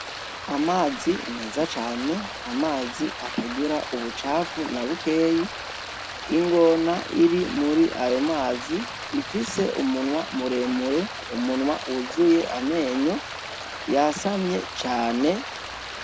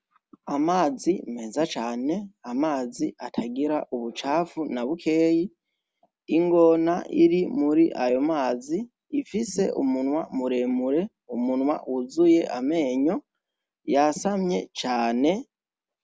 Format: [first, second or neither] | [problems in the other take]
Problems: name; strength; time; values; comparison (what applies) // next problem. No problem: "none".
second | background sound (Stream); 10 dB below the speech